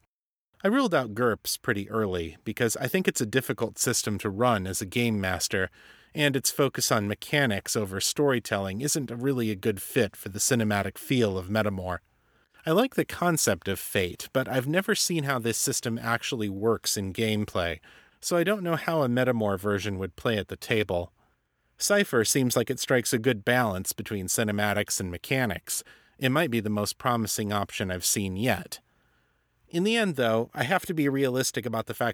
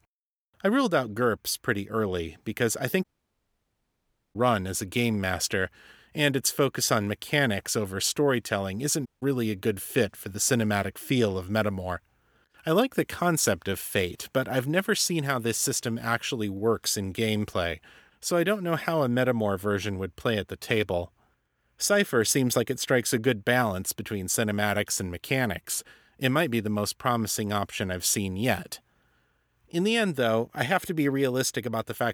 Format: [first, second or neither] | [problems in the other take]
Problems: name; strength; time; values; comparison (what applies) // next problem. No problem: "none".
first | audio cutting out; at 3 s for 1.5 s and at 9 s